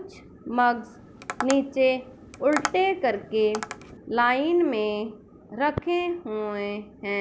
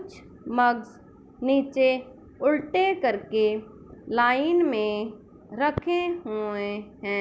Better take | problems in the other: second | background sound (Tap); 10 dB below the speech

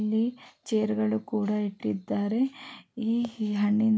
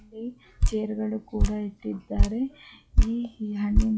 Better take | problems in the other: first | noise reduction (classical method log-MMSE)

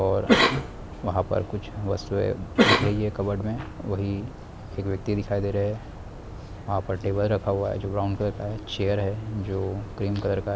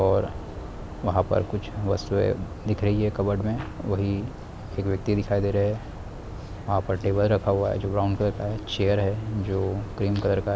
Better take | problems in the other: second | background sound (Cough); 2 dB above the speech

